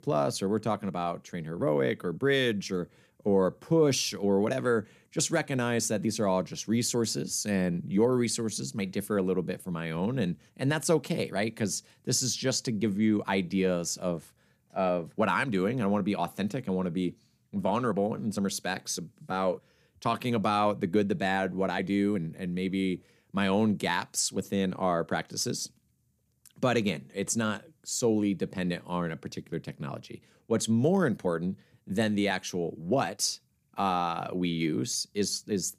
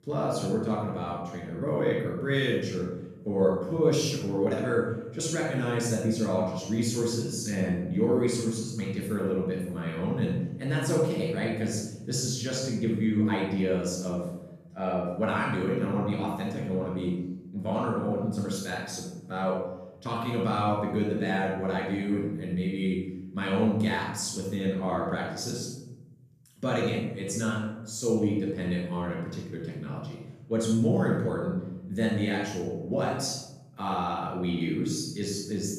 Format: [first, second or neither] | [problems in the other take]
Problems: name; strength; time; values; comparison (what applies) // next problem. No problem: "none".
first | off-mic speech; far // room echo; strong; dies away in 1.1 s